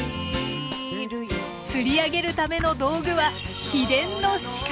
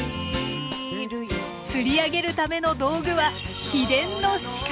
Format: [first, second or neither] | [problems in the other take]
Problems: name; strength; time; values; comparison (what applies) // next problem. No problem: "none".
second | background sound (Drawer open or close); 15 dB below the speech